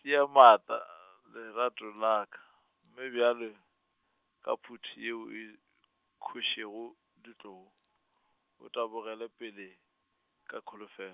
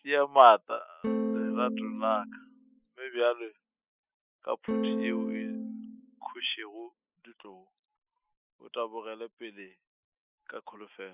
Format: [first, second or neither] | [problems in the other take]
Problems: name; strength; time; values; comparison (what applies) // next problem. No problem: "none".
first | noise reduction (classical method spectral subtraction)